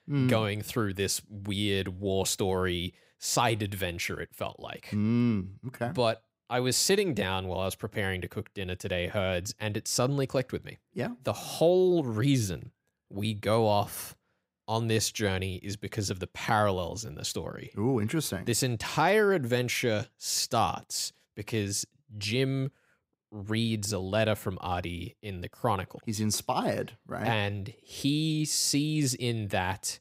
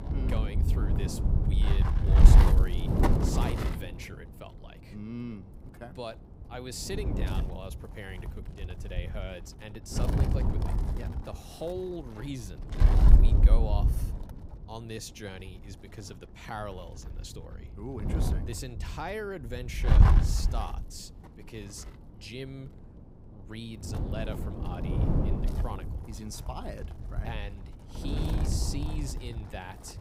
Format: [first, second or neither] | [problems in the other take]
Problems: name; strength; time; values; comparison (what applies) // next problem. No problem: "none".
first | wind noise on the microphone; heavy; 2 dB above the speech